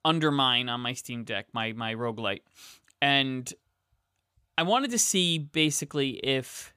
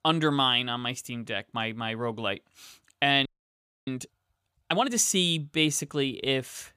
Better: first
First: none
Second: audio freezing; at 3.5 s for 0.5 s

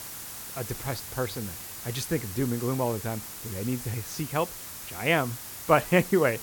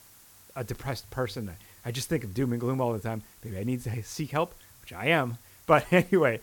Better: second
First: hiss; loud; throughout; 9 dB below the speech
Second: hiss; faint; throughout; 25 dB below the speech

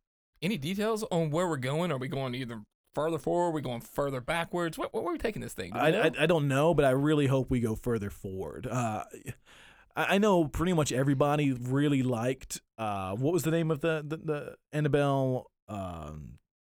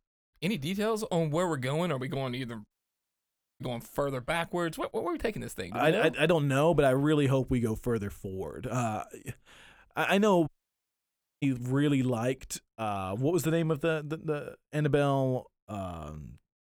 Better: first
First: none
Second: audio cutting out; at 2.5 s for 1 s and at 10 s for 1 s

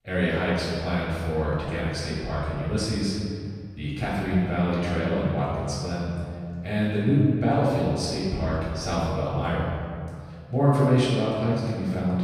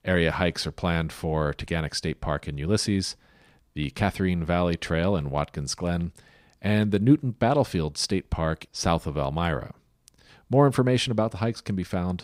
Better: second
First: off-mic speech; far // room echo; strong; dies away in 2.1 s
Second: none

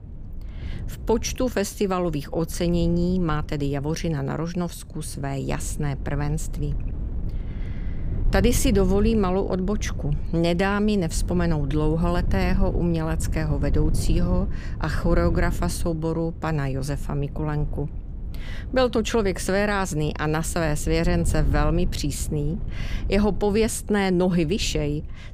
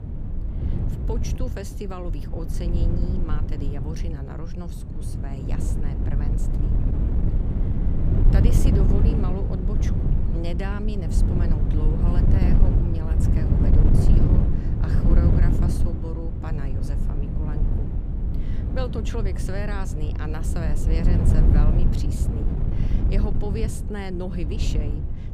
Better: first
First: wind noise on the microphone; occasional gusts; 15 dB below the speech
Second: wind noise on the microphone; heavy; 1 dB above the speech

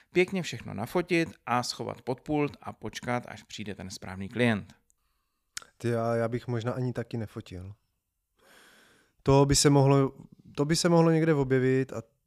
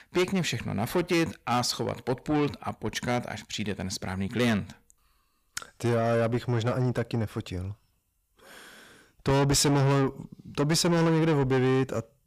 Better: first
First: none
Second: distortion; heavy; 6 dB below the speech

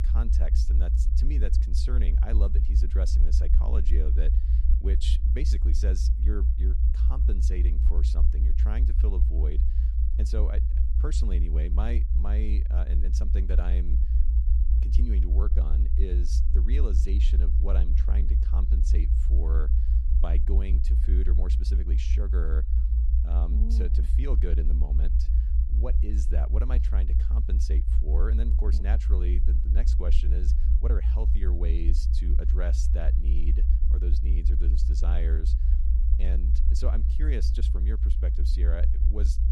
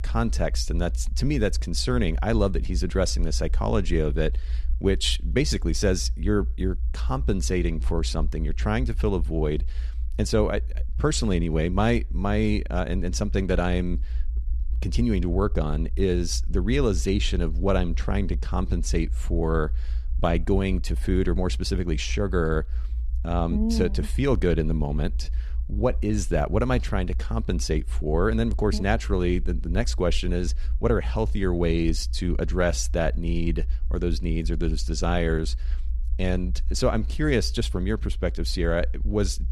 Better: second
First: low rumble; loud; throughout; 3 dB below the speech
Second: low rumble; faint; throughout; 25 dB below the speech

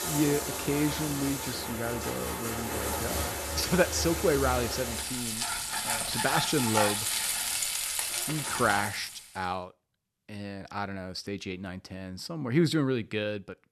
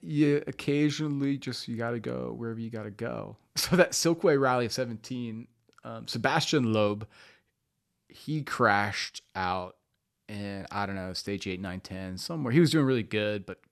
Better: second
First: household noises; very loud; until 9 s; as loud as the speech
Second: none

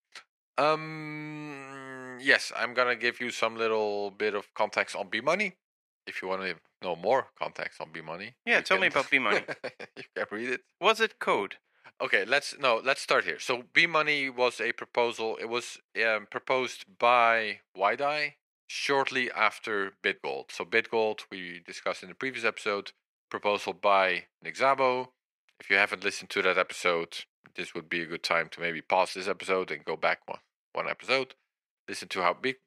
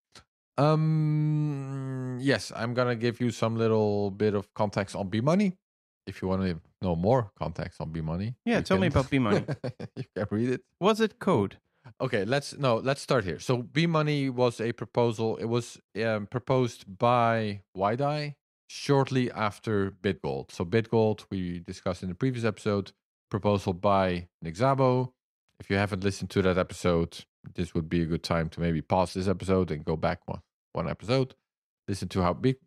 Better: second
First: thin; very; fading below 450 Hz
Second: none

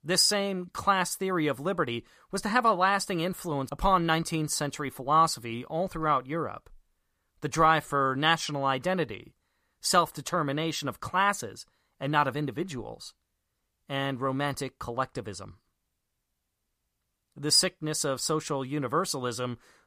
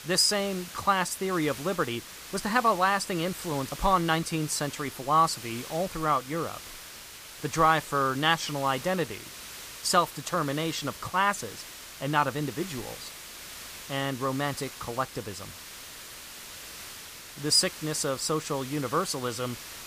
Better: first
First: none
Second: hiss; noticeable; throughout; 15 dB below the speech

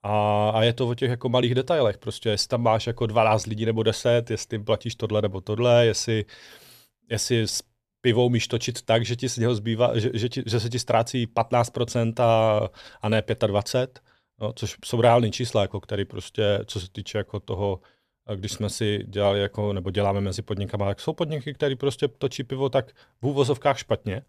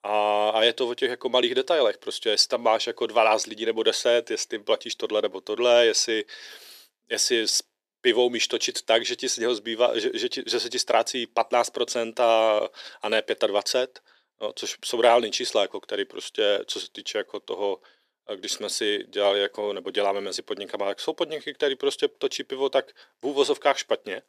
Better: first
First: none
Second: thin; somewhat; fading below 350 Hz

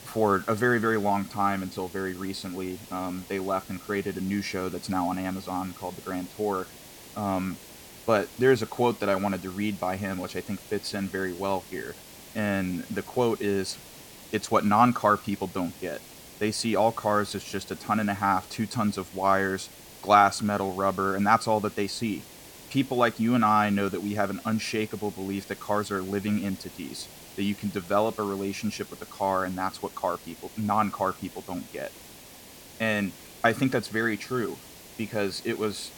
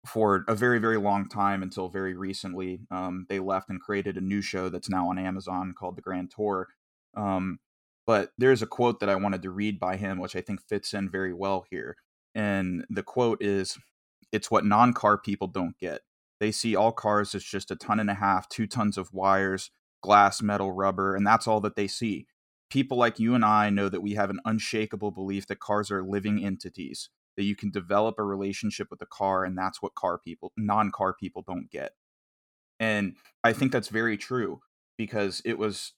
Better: second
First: hiss; noticeable; throughout; 15 dB below the speech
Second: none

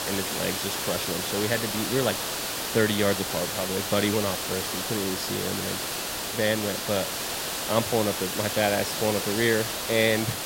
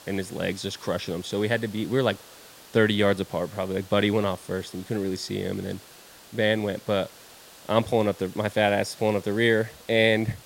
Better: second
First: hiss; loud; throughout; 1 dB below the speech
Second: hiss; faint; throughout; 20 dB below the speech

